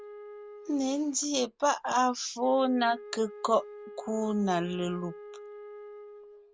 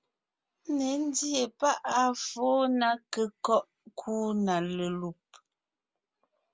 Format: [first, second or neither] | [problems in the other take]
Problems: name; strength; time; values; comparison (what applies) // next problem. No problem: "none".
second | background sound (Wind instrument, woodwind instrument); 16 dB below the speech